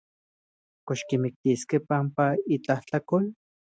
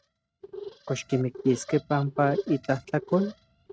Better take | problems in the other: first | noise reduction (neural mask model RNNoise)

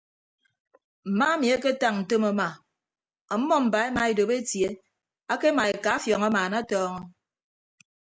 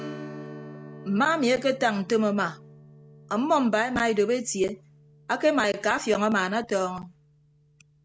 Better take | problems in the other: first | background sound (Strum); 19 dB below the speech

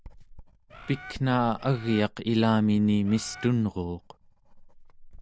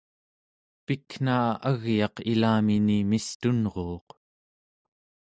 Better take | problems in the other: second | background sound (Bird + Writing); 19 dB below the speech

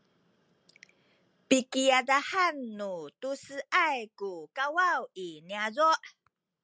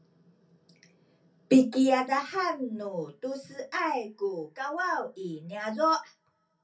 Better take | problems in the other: first | room echo; dies away in 0.3 s

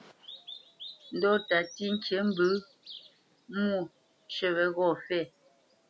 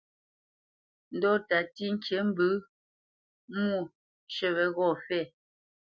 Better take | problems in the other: second | background sound (Bird vocalization, bird call, bird song); 17 dB below the speech

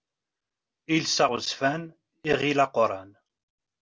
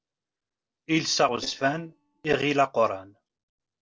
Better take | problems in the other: first | noise reduction (neural separator model SepFormer DNS4)

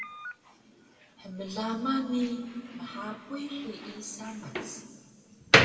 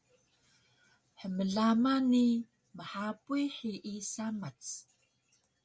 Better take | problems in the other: second | background sound (Slam); 4 dB above the speech // room echo; dies away in 2 s

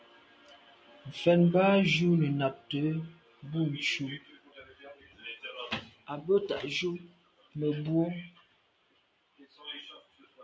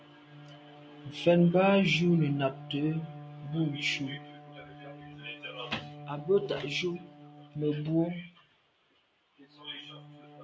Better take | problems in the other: first | background sound (Bowed string instrument); 17 dB below the speech

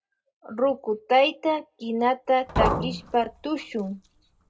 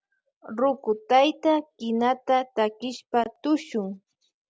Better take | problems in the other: second | background sound (Liquid); 4 dB below the speech // room echo; dies away in 0.2 s

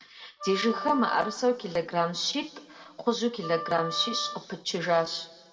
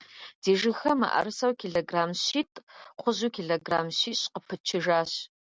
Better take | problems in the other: second | background sound (Wind instrument, woodwind instrument); 10 dB below the speech // room echo; dies away in 2 s

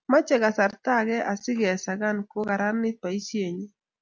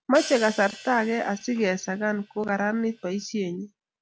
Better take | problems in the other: first | background sound (Hi-hat); 17 dB below the speech

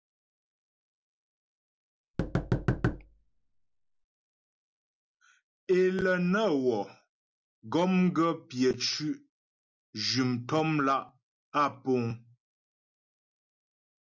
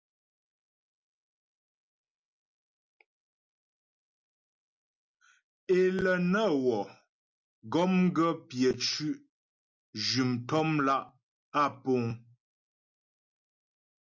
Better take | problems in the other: second | background sound (Knock); 1 dB below the speech

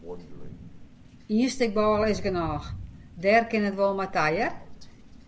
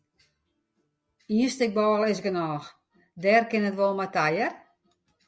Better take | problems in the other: second | background sound (Crow); 12 dB below the speech

